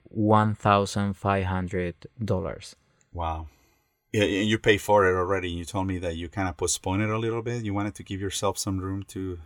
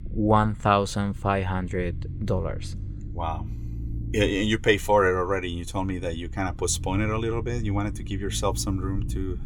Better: first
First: none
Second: low rumble; faint; throughout; 20 dB below the speech

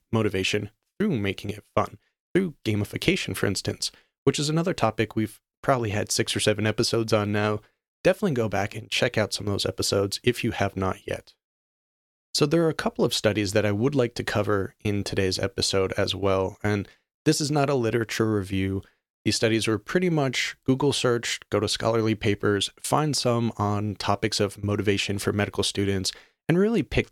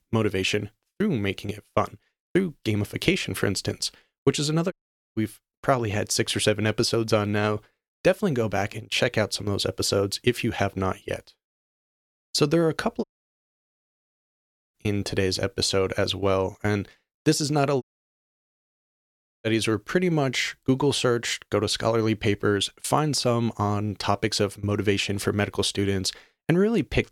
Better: first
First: none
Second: audio cutting out; at 4.5 s, at 13 s for 1.5 s and at 18 s for 1.5 s

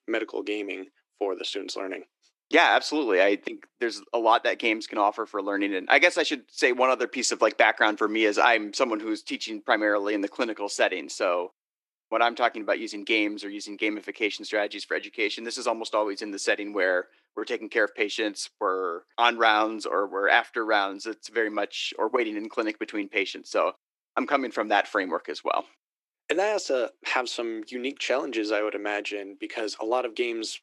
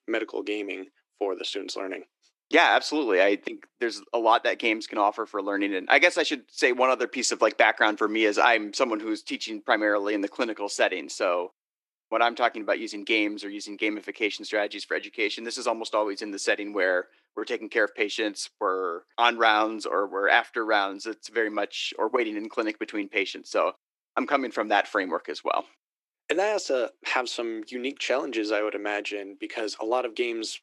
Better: neither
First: thin; somewhat; fading below 300 Hz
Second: thin; somewhat; fading below 300 Hz

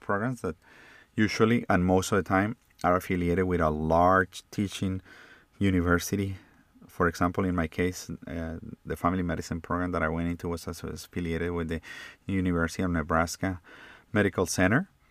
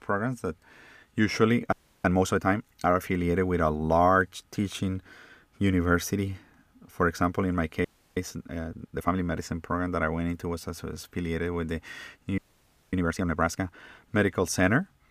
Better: first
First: none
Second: audio freezing; at 1.5 s, at 8 s and at 12 s for 0.5 s

